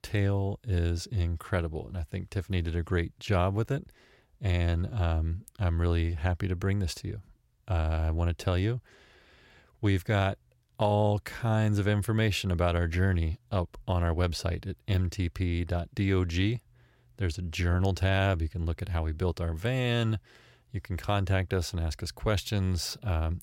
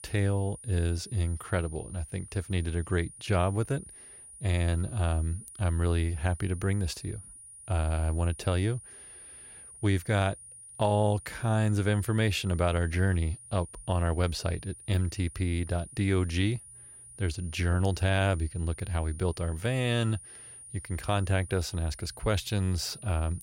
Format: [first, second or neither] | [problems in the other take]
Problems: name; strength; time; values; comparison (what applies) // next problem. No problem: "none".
first | high-pitched whine; noticeable; throughout; 9.5 kHz, 15 dB below the speech